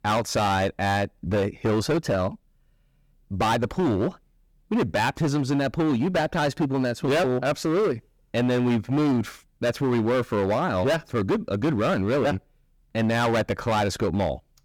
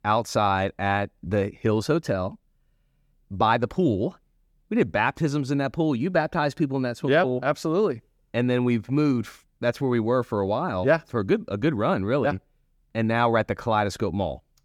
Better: second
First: distortion; heavy; 17% of the sound clipped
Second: none

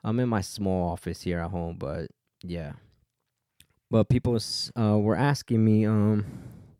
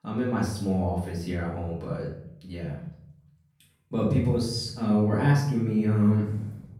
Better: first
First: none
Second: room echo; noticeable; dies away in 0.6 s // off-mic speech; far

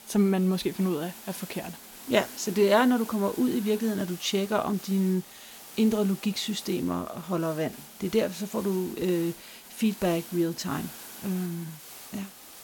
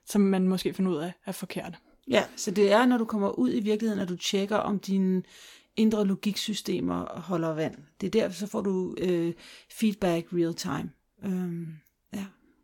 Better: second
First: hiss; noticeable; throughout; 15 dB below the speech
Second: none

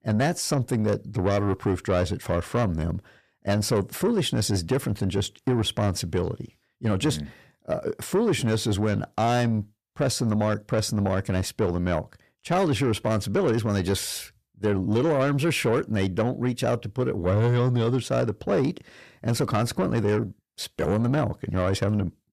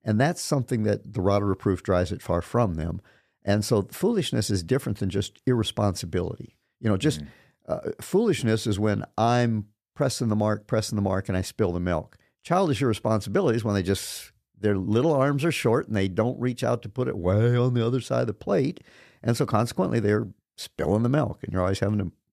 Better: second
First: distortion; slight; 10 dB below the speech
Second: none

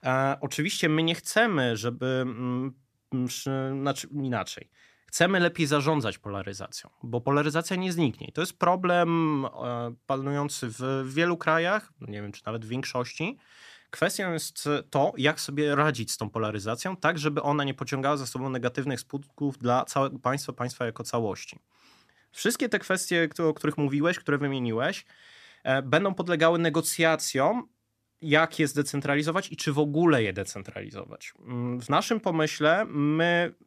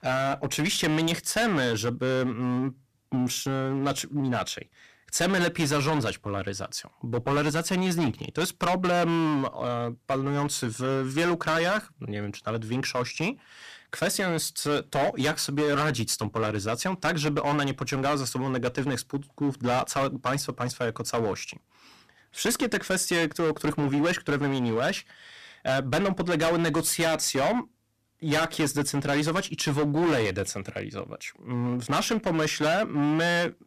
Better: first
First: none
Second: distortion; heavy; 14% of the sound clipped

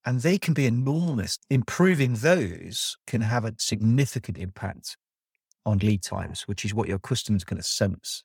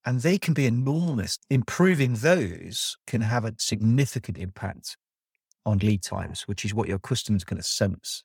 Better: neither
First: none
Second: none

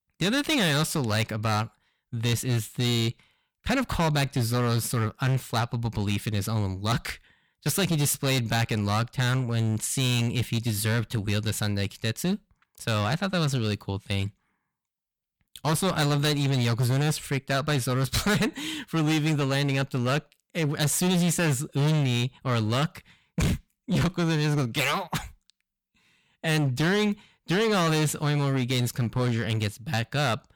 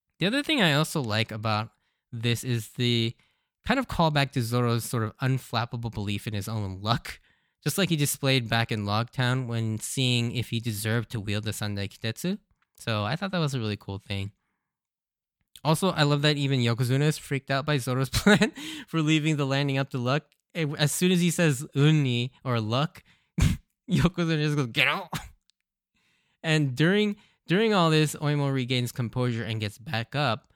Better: second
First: distortion; heavy; 15% of the sound clipped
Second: none

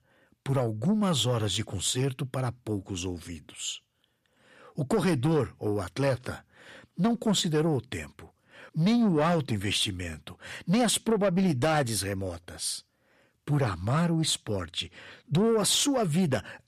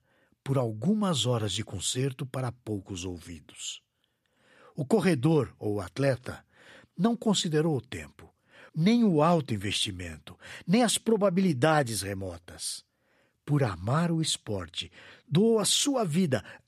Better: second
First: distortion; slight; 10 dB below the speech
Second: none

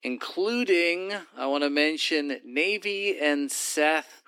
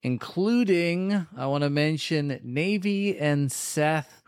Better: second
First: thin; somewhat; fading below 250 Hz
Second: none

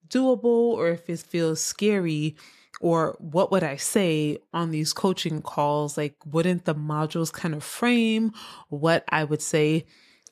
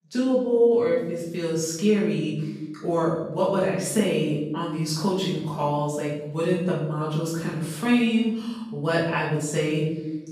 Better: first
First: none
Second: off-mic speech; far // room echo; noticeable; dies away in 0.9 s

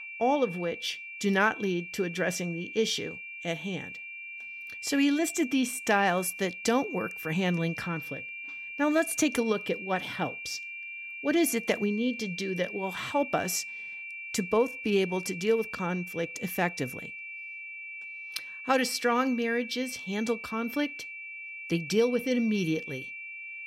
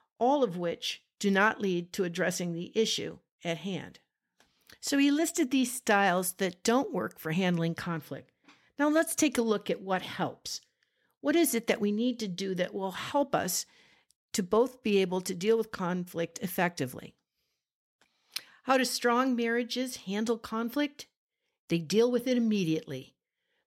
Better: second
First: high-pitched whine; loud; throughout; 2.5 kHz, 9 dB below the speech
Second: none

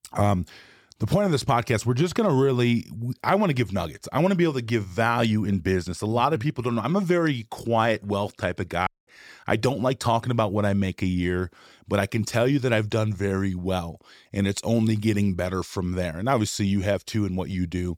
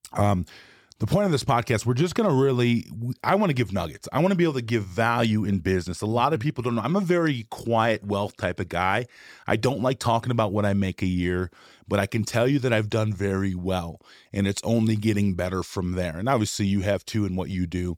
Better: second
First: audio cutting out; at 9 s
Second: none

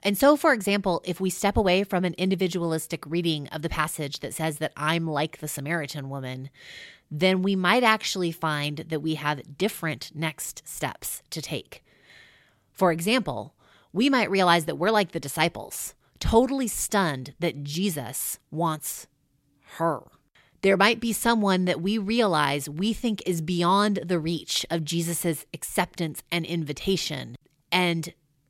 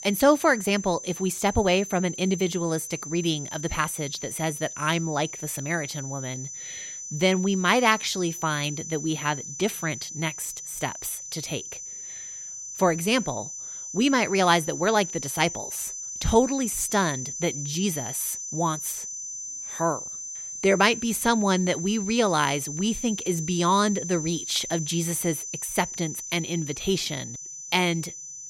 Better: first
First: none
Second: high-pitched whine; loud; throughout; 6 kHz, 8 dB below the speech

